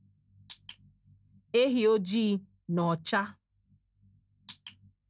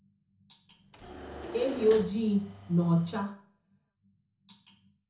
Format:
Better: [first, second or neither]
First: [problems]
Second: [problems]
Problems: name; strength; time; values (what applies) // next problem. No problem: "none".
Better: first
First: none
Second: background sound (Engine / Mechanisms); 12 dB below the speech // room echo; dies away in 0.6 s